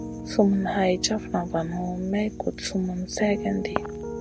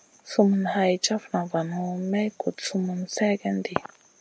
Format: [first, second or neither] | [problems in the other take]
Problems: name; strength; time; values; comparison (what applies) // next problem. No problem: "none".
second | background sound (Piano); 9 dB below the speech